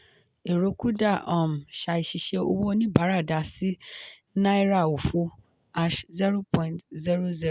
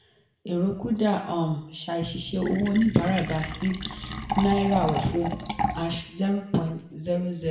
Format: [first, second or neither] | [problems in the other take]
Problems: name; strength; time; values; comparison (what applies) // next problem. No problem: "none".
first | background sound (Fill (with liquid)); 8 dB below the speech // room echo; dies away in 0.7 s